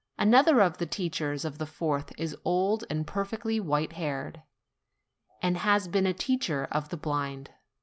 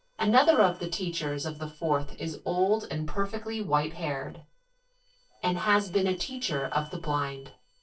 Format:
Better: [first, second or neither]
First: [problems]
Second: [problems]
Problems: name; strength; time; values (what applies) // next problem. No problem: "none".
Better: first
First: none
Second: noise reduction (neural separator model SepFormer DNS4)